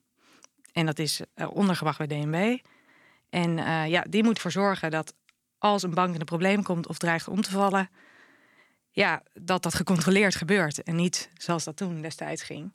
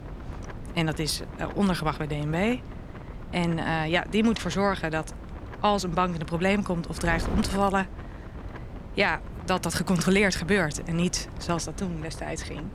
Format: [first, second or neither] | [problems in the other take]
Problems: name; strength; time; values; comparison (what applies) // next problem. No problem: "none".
first | wind noise on the microphone; occasional gusts; 15 dB below the speech